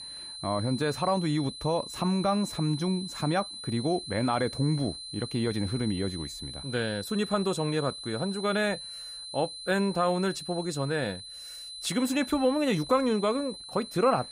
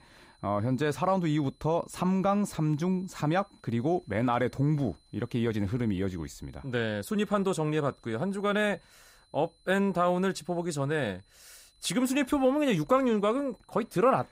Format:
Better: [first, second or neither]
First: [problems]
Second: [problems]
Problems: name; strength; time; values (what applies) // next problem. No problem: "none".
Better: second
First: high-pitched whine; loud; throughout; 4 kHz, 10 dB below the speech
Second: high-pitched whine; faint; throughout; 4 kHz, 35 dB below the speech